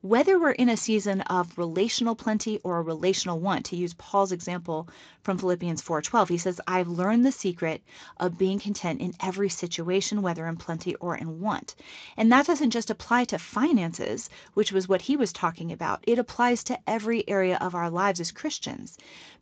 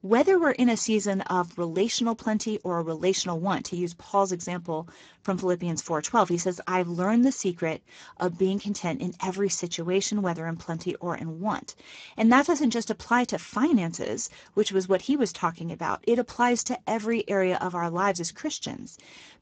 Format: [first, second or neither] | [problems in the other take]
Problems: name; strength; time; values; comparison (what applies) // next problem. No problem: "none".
first | garbled, watery; badly; nothing above 7.5 kHz; slightly in the first